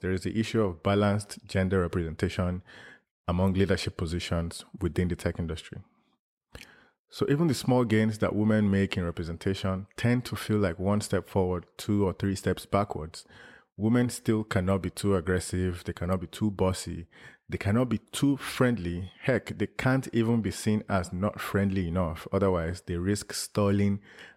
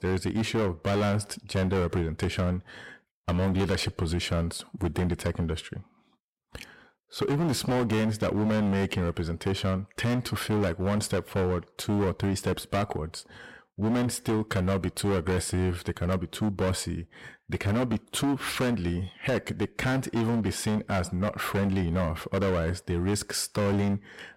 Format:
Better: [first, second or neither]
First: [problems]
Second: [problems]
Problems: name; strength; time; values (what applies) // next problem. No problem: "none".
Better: first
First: none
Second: distortion; heavy; 19% of the sound clipped